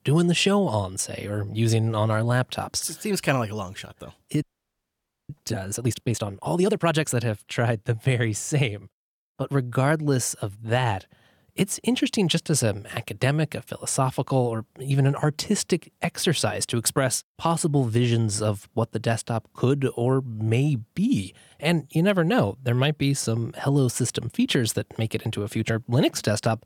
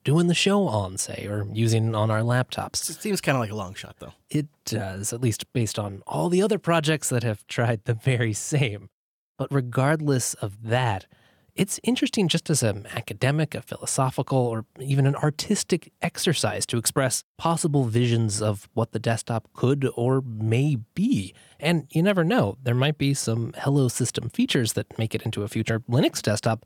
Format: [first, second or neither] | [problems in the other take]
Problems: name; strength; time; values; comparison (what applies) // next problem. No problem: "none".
second | audio freezing; at 4.5 s for 1 s